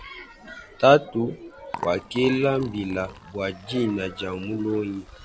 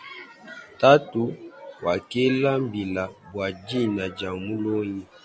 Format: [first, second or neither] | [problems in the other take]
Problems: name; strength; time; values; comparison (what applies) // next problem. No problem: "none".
second | background sound (Liquid); 18 dB below the speech